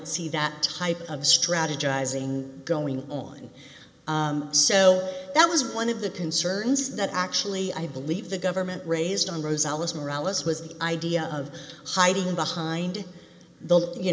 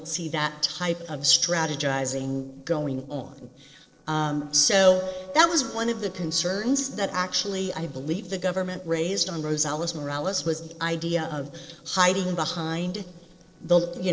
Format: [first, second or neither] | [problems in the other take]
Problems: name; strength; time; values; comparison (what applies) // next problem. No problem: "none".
first | noise reduction (neural separator model SepFormer DNS4)